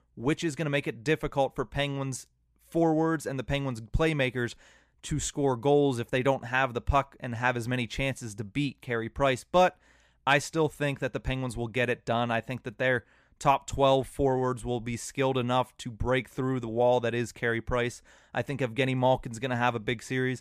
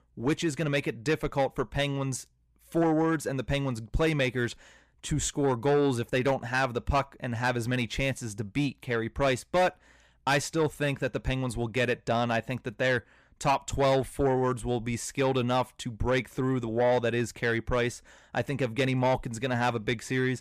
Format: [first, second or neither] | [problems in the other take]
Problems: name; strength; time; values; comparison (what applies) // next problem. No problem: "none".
first | distortion; slight; 10 dB below the speech